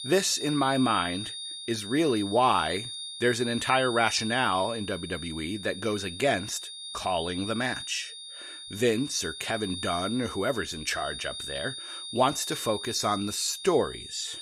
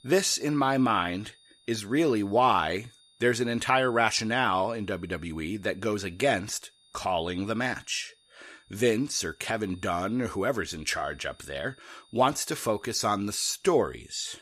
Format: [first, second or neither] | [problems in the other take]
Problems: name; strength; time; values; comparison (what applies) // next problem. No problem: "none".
second | high-pitched whine; loud; throughout; 3.5 kHz, 8 dB below the speech; faint in the second